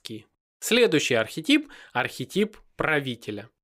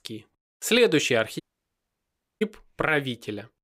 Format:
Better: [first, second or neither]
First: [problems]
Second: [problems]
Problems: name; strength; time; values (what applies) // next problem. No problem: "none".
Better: first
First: none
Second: audio cutting out; at 1.5 s for 1 s